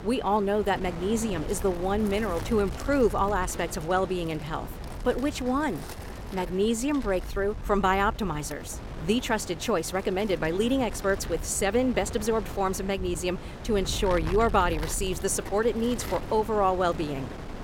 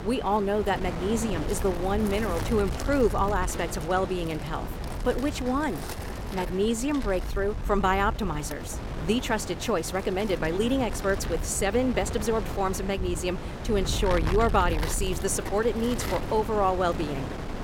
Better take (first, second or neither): first